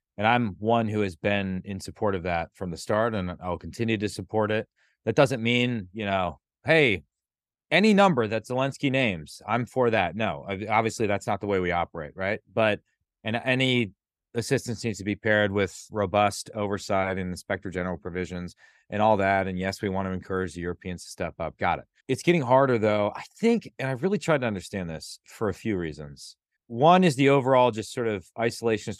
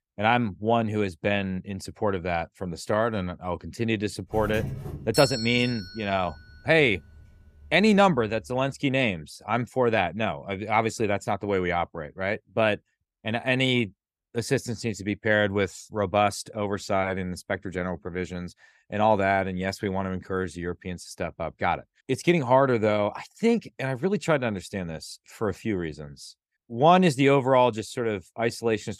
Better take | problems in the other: first | doorbell; noticeable; from 4.5 to 7.5 s; peak 3 dB below the speech

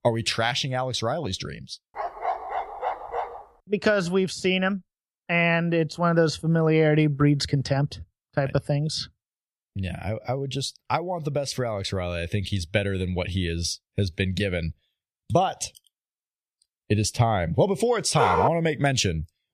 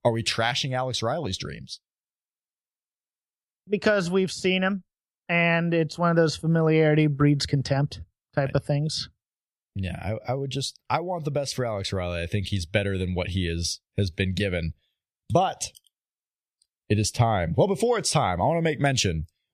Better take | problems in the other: second | dog barking; noticeable; from 2 to 3.5 s; peak 4 dB below the speech // dog barking; loud; at 18 s; peak 2 dB above the speech

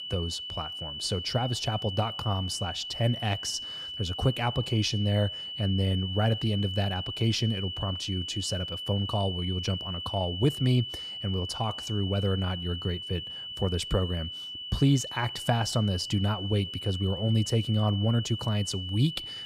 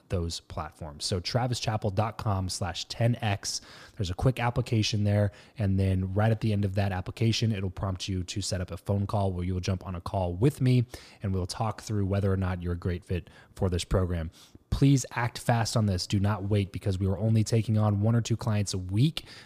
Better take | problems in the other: second | high-pitched whine; loud; throughout; 3 kHz, 6 dB below the speech

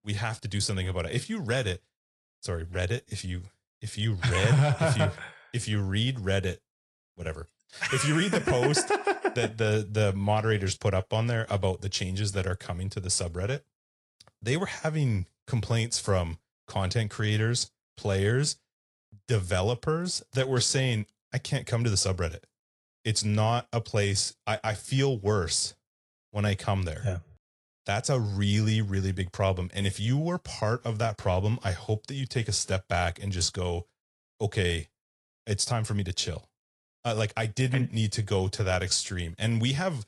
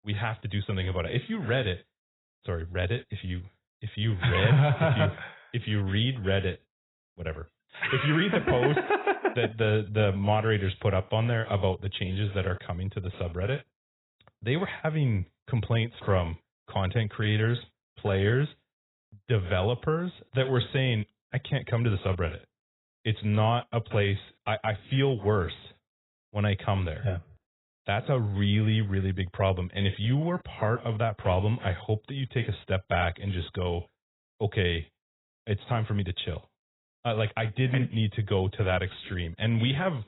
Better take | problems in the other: first | garbled, watery; badly; nothing above 4 kHz; slightly in the first

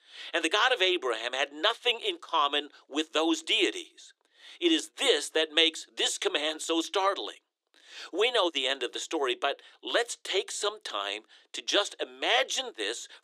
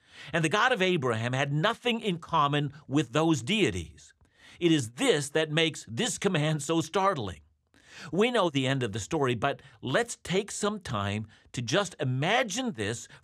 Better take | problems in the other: second | thin; very; fading below 300 Hz

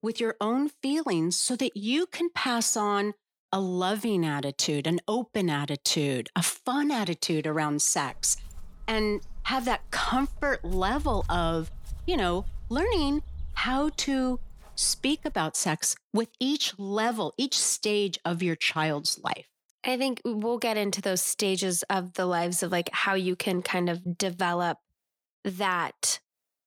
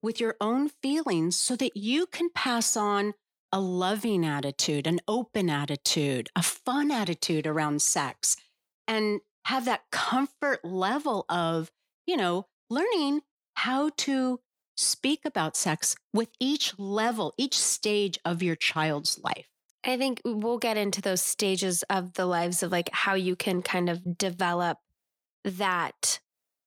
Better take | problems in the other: second | footsteps; noticeable; from 8 to 15 s; peak 8 dB below the speech

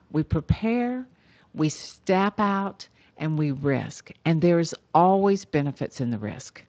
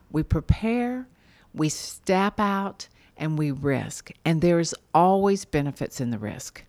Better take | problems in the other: second | garbled, watery; slightly; nothing above 7.5 kHz

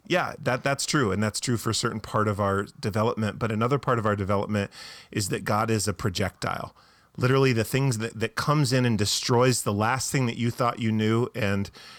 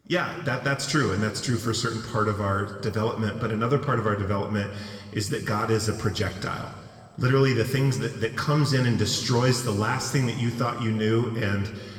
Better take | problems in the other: first | room echo; slight; dies away in 1.7 s

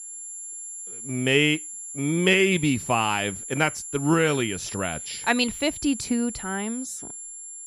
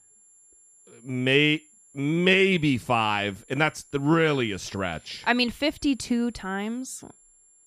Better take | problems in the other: second | high-pitched whine; loud; throughout; 7.5 kHz, 10 dB below the speech; faint in the second

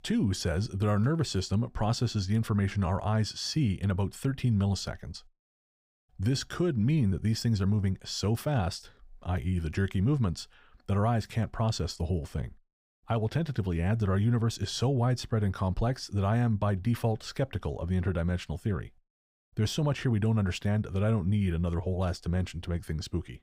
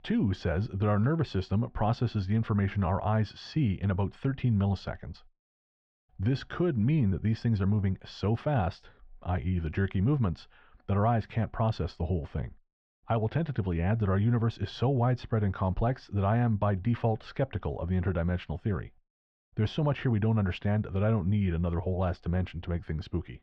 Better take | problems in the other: first | muffled; slightly; fading above 3 kHz

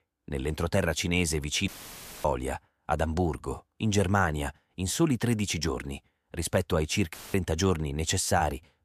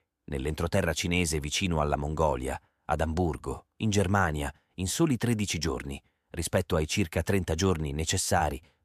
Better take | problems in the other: second | audio cutting out; filled with static; at 1.5 s for 0.5 s and at 7 s

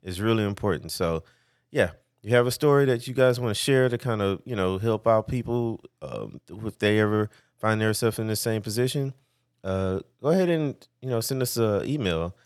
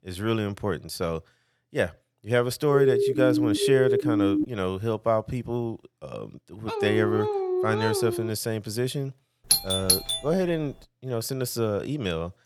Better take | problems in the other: first | siren; loud; from 2.5 to 4.5 s; peak 4 dB above the speech // dog barking; loud; from 6.5 to 8.5 s; peak 1 dB above the speech // doorbell; loud; at 9.5 s; peak 6 dB above the speech

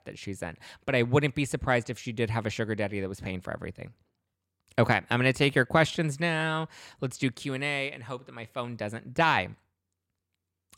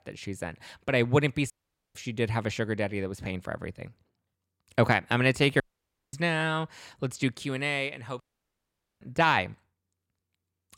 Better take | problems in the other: first | audio cutting out; at 1.5 s, at 5.5 s for 0.5 s and at 8 s for 1 s

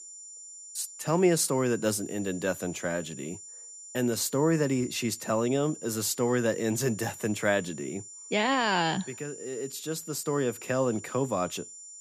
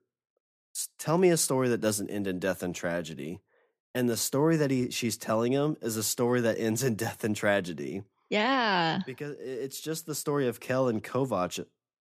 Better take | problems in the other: second | high-pitched whine; noticeable; throughout; 7 kHz, 15 dB below the speech

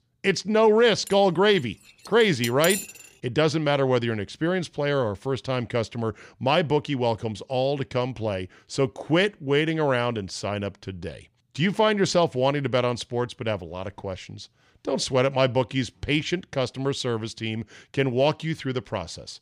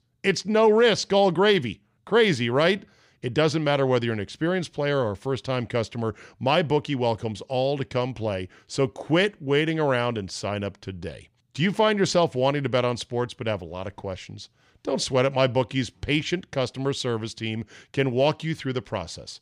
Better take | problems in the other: second | clattering dishes; noticeable; from 1 to 3 s; peak 4 dB below the speech

